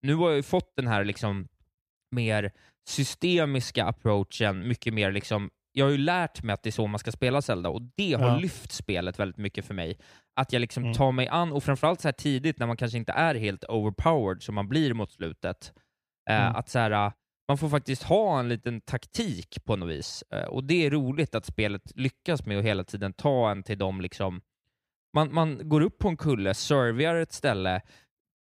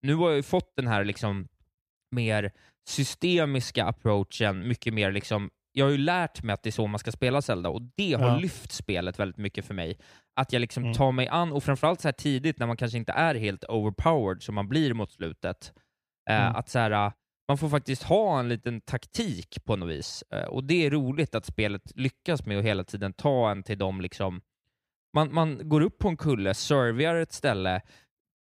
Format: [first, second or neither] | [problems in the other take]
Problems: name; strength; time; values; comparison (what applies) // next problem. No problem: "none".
neither | none